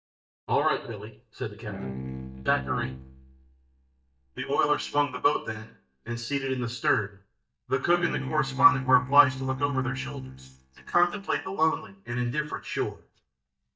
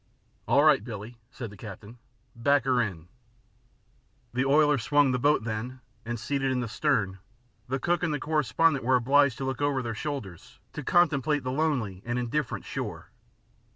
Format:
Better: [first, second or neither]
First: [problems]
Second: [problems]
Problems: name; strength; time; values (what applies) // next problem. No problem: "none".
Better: second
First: noise reduction (neural mask model DeepFilterNet 3)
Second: none